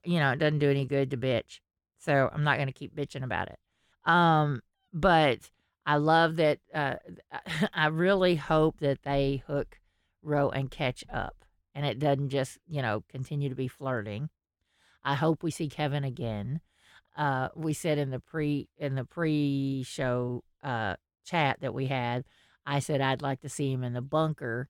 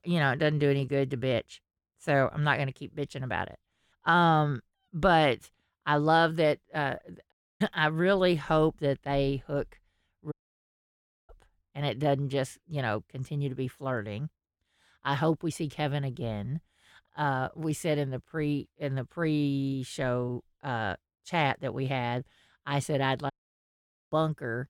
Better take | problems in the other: first | audio cutting out; at 7.5 s, at 10 s for 1 s and at 23 s for 1 s

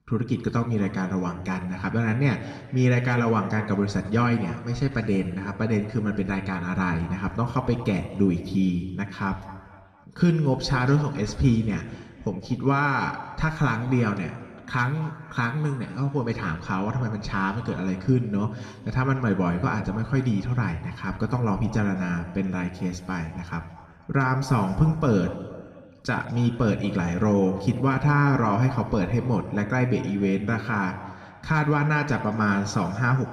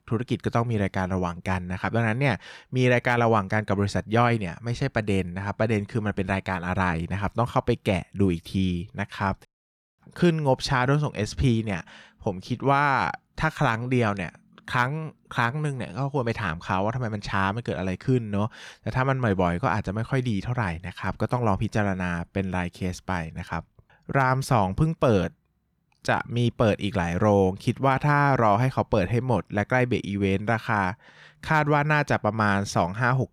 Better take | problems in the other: second | room echo; noticeable; dies away in 1.5 s // off-mic speech; somewhat distant

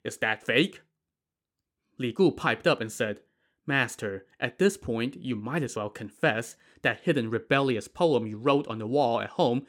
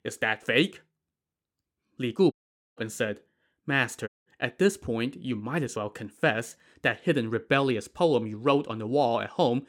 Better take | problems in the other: first | audio cutting out; at 2.5 s and at 4 s

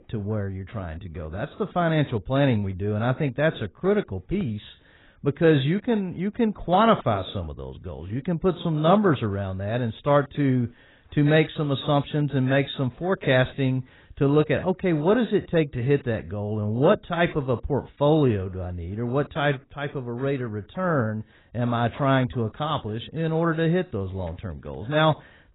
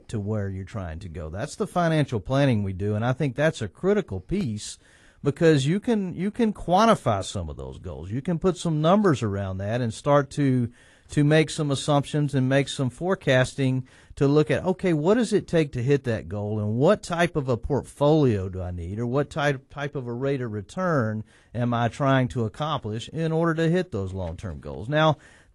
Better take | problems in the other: second | garbled, watery; badly; nothing above 4 kHz; slightly in the second

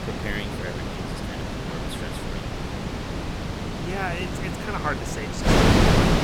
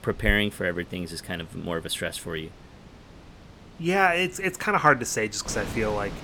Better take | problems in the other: second | wind noise on the microphone; heavy; 5 dB above the speech; occasional gusts in the second

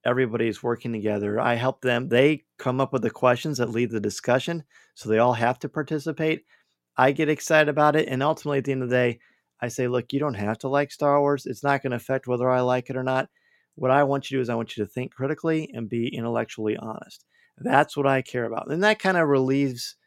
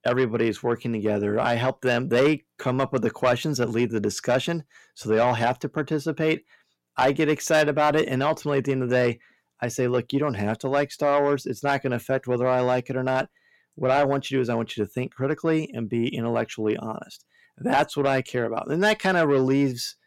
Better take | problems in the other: first | distortion; slight; 10 dB below the speech

